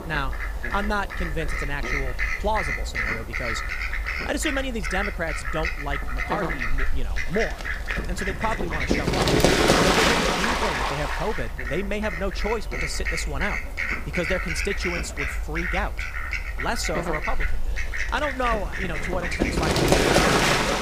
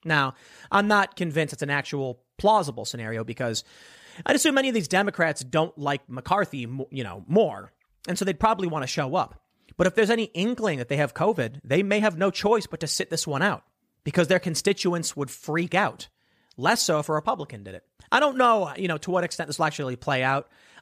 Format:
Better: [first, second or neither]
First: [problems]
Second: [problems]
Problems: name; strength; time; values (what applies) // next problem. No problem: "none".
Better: second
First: animal sounds; very loud; throughout; 5 dB above the speech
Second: none